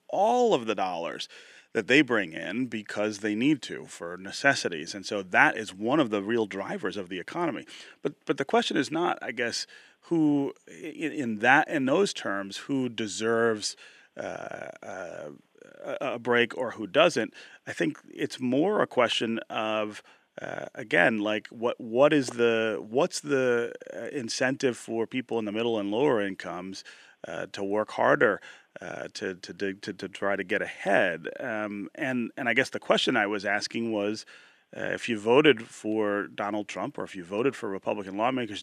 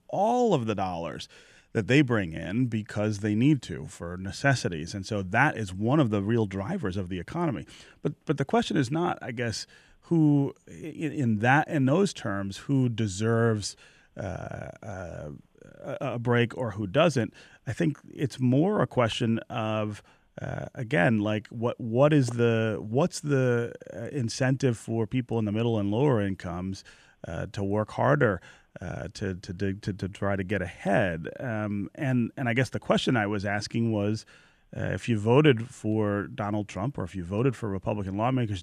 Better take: second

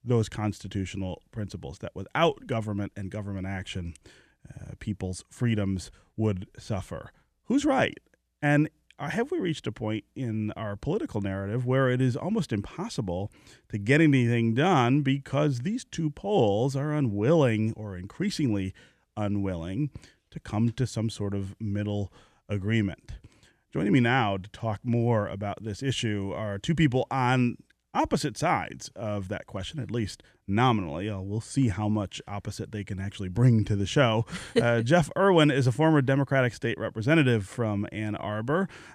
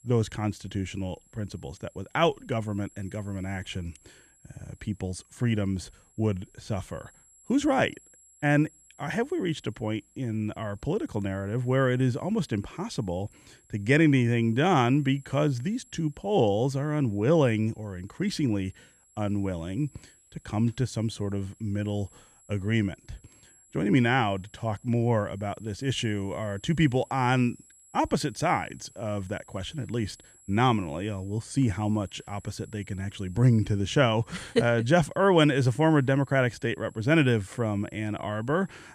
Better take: first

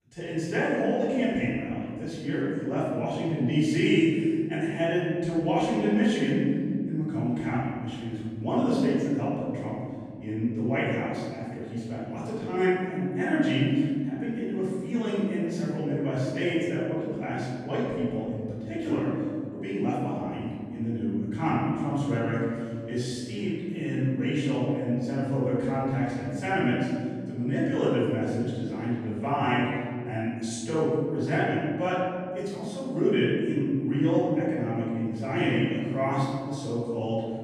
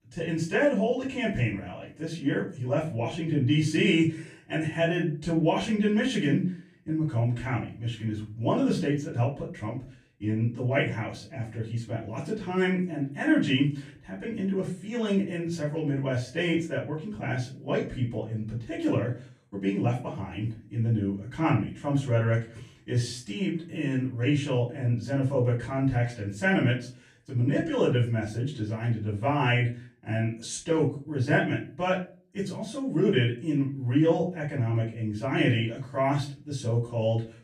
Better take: second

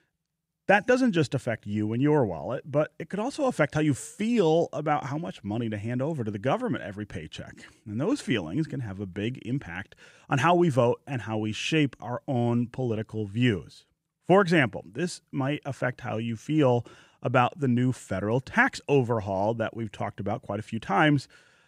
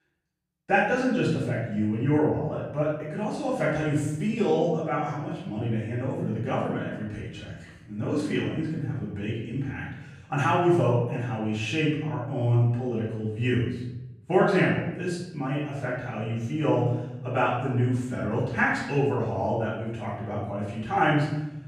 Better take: first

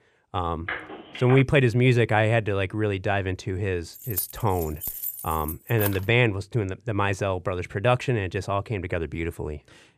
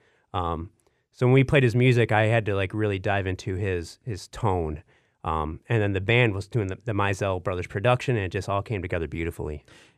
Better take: second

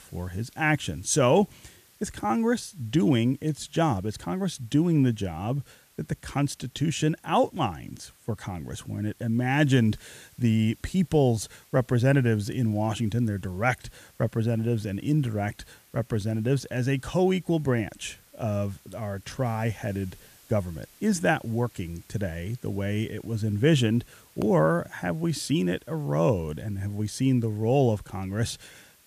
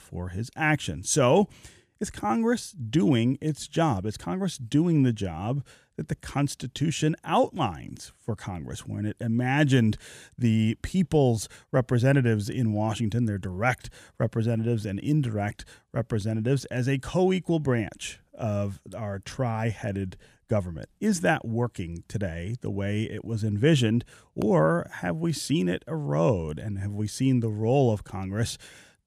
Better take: second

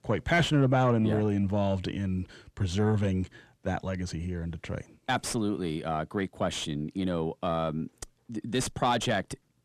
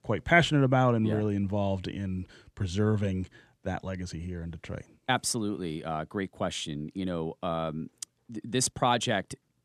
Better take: second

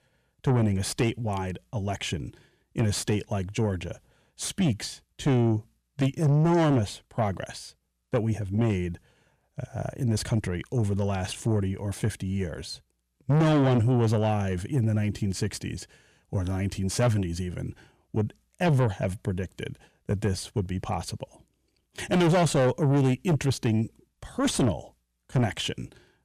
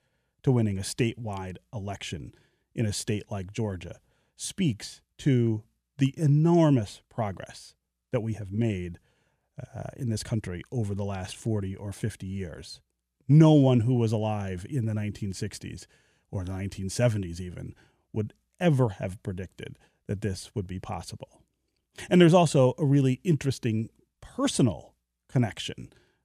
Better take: second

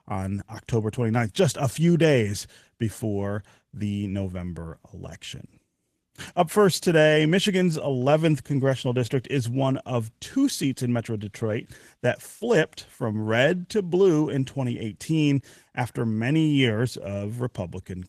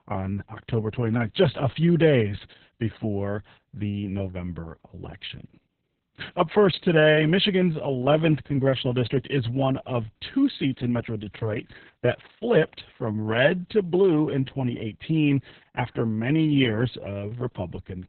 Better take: first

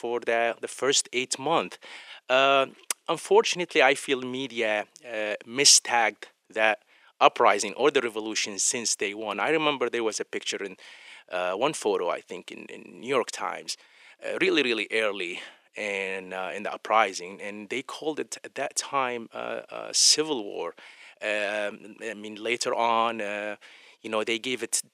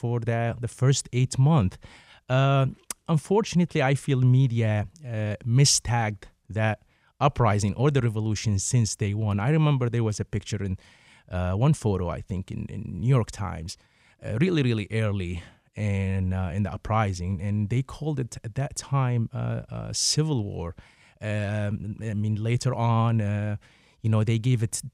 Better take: second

